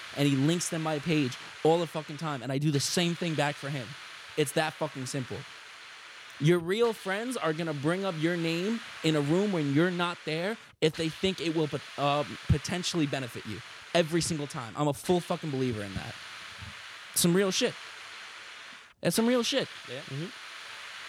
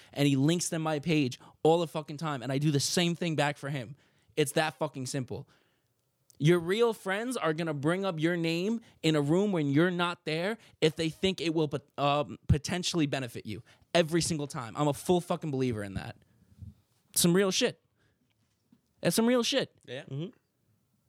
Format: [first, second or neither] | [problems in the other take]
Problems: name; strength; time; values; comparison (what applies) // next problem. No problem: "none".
second | hiss; noticeable; throughout; 15 dB below the speech